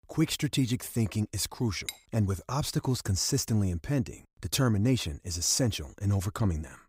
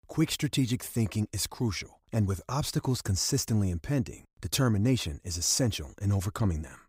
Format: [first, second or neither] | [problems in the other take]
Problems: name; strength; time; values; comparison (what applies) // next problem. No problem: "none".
second | clattering dishes; very faint; at 2 s; peak 10 dB below the speech